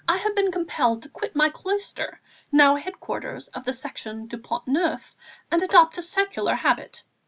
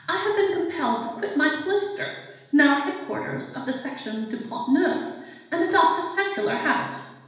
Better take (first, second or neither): first